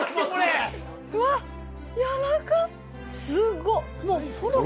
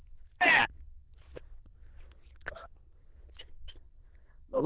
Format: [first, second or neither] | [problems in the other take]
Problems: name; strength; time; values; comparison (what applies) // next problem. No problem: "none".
first | noise reduction (neural diffusion model UNIVERSE++)